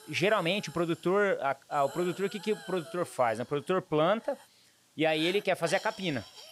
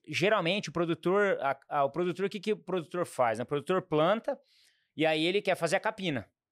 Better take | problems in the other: second | hiss; noticeable; throughout; 20 dB below the speech

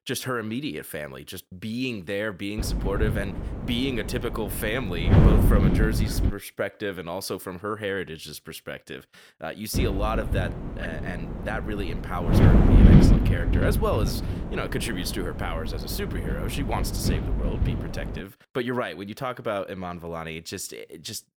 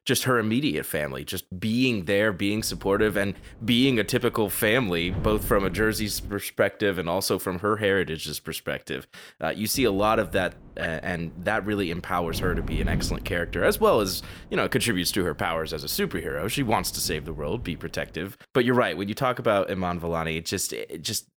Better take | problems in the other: second | wind noise on the microphone; heavy; from 2.5 to 6.5 s and from 9.5 to 18 s; 1 dB below the speech; occasional gusts in the second

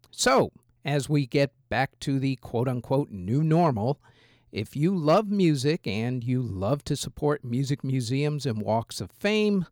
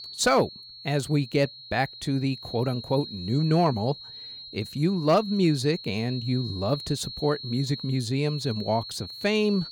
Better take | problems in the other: first | high-pitched whine; noticeable; throughout; 4 kHz, 10 dB below the speech

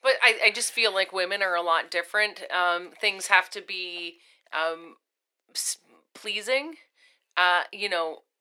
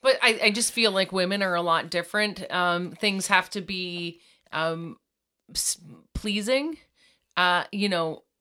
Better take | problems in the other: second | thin; very; fading below 350 Hz

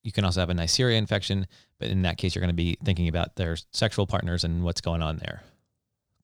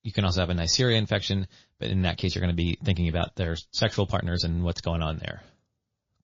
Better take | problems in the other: first | garbled, watery; slightly; nothing above 6 kHz

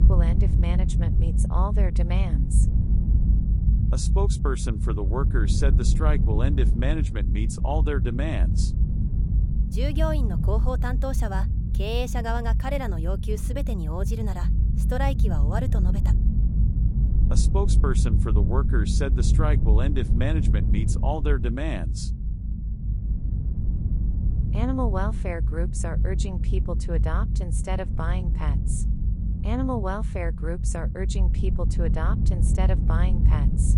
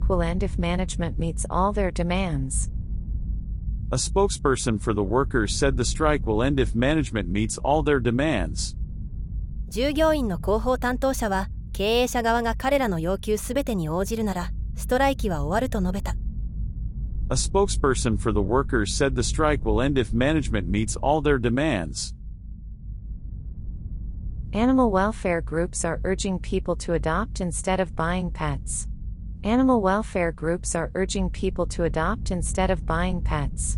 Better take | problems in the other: second | low rumble; loud; throughout; 7 dB below the speech; faint in the second

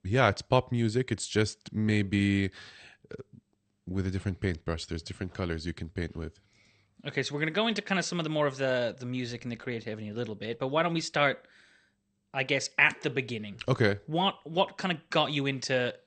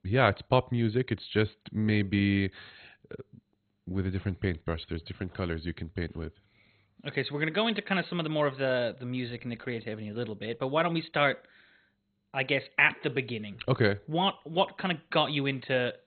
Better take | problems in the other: first | garbled, watery; badly; nothing above 4 kHz; slightly in the first

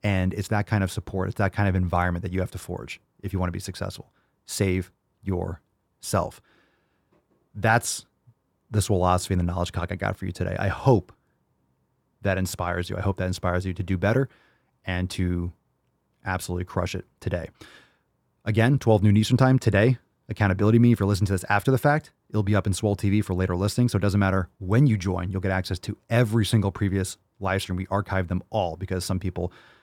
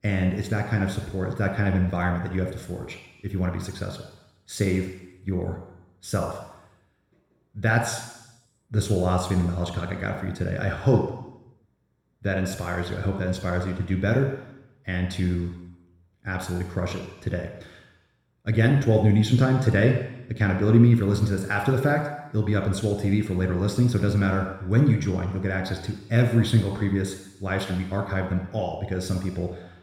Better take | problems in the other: first | room echo; noticeable; dies away in 1 s // off-mic speech; somewhat distant

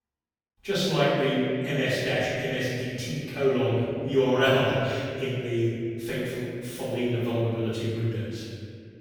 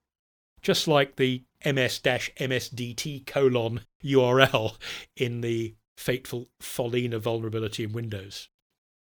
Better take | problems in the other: second | off-mic speech; far // room echo; strong; dies away in 2.2 s

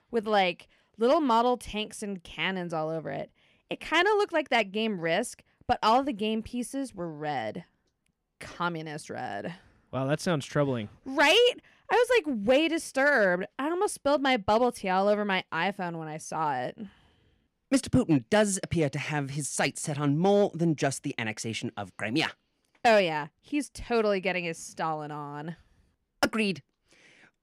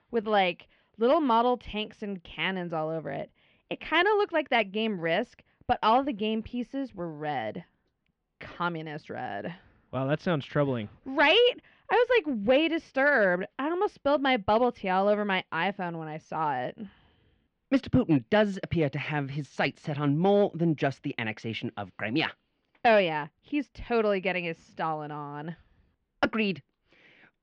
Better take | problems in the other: first | muffled; slightly; fading above 4 kHz

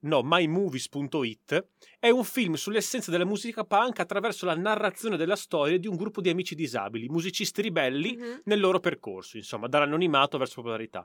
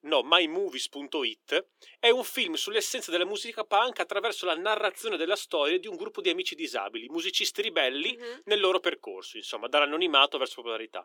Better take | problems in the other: first | thin; somewhat; fading below 300 Hz

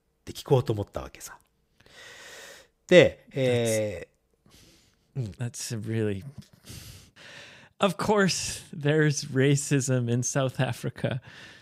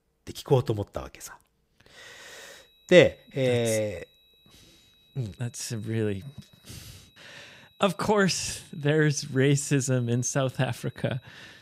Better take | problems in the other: first | high-pitched whine; faint; from 2 s on; 4 kHz, 30 dB below the speech

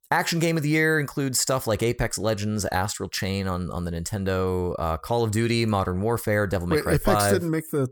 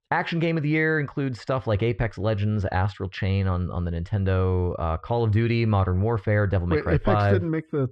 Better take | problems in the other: first | muffled; very; fading above 3 kHz

